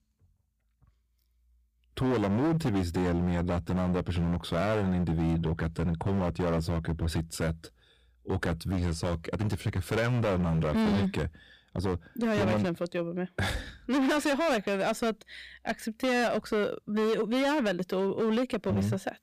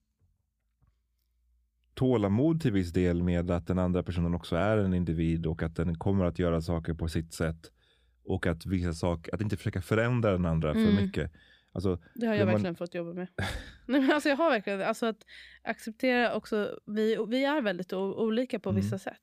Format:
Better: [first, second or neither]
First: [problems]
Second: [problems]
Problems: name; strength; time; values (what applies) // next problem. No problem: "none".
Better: second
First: distortion; heavy; 17% of the sound clipped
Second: none